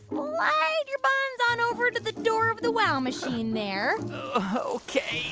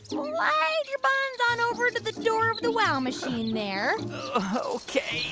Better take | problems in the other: first | background sound (Bird vocalization, bird call, bird song); 19 dB below the speech

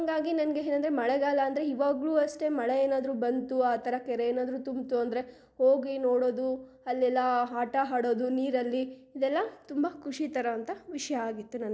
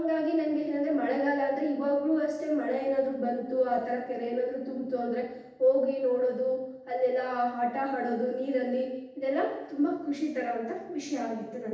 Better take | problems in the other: first | room echo; dies away in 0.9 s

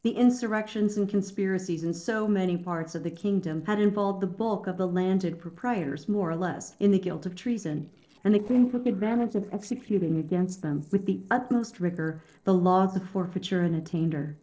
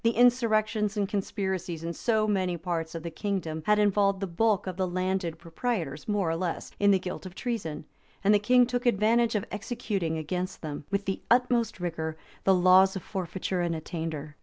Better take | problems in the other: second | noise reduction (neural separator model SepFormer DNS4)

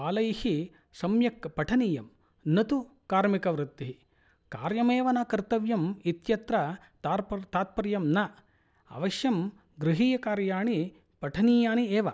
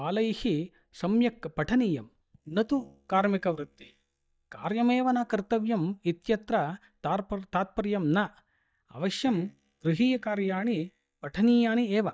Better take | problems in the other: first | noise reduction (neural mask model DeepFilterNet 3)

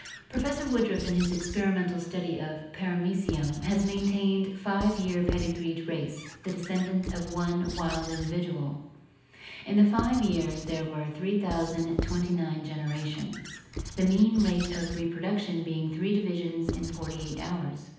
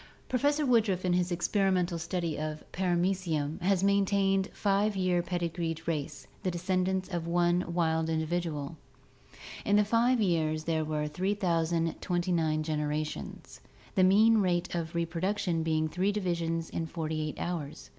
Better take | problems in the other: second | background sound (Squeak / Writing); 10 dB below the speech // room echo; dies away in 0.9 s

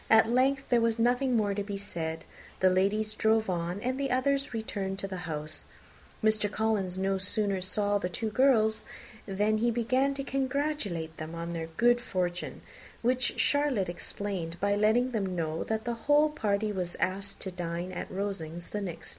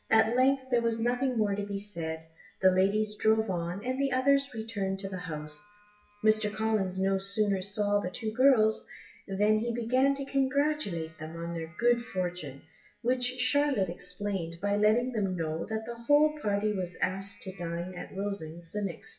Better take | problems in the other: first | noise reduction (classical method WPE with log-MMSE)

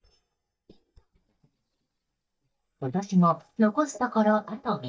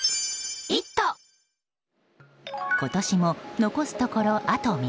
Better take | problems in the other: second | noise reduction (neural mask model DeepFilterNet 3)

